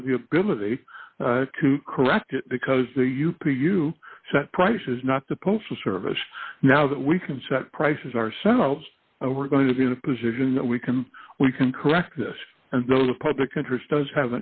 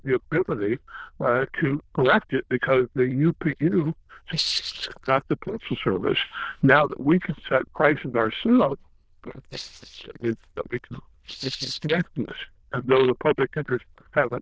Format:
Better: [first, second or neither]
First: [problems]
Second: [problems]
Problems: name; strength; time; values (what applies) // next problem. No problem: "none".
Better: first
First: none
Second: noise reduction (neural diffusion model UNIVERSE++)